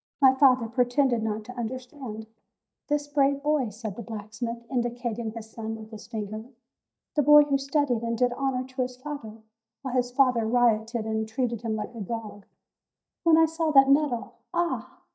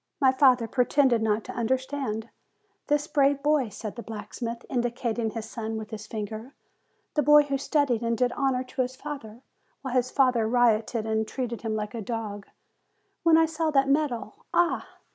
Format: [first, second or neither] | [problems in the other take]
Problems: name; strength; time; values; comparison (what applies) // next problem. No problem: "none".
second | noise reduction (neural mask model DeepFilterNet 3)